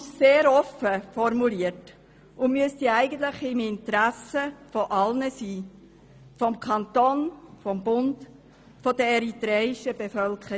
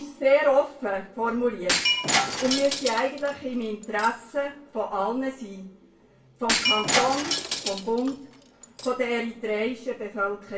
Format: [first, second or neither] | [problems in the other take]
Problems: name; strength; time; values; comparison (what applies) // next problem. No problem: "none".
first | background sound (Shatter); 4 dB below the speech // room echo; dies away in 0.3 s